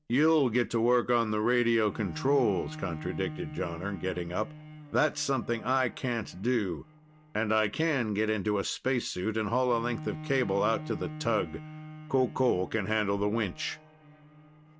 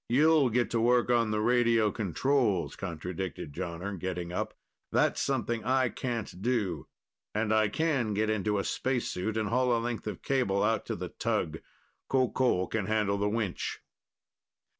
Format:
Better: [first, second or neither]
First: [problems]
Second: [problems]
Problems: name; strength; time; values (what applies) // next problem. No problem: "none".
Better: second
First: background sound (Bowed string instrument); 15 dB below the speech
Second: none